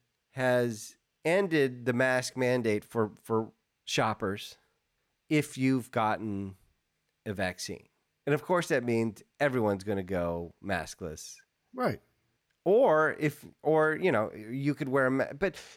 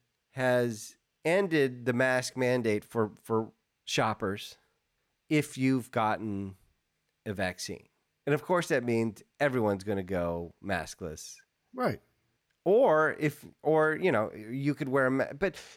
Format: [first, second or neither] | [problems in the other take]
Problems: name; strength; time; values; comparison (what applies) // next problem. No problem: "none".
neither | none